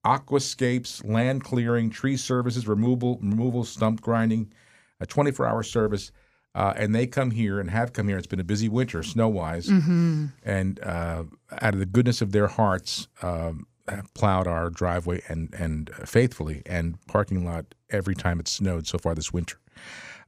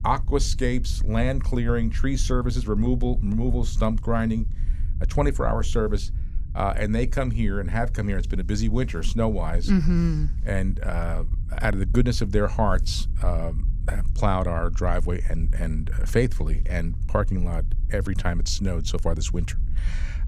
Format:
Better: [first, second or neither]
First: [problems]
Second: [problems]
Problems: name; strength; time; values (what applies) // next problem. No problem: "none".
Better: first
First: none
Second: low rumble; noticeable; throughout; 20 dB below the speech